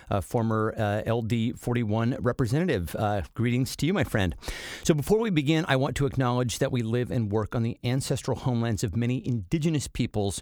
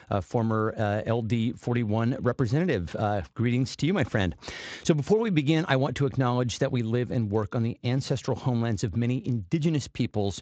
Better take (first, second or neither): first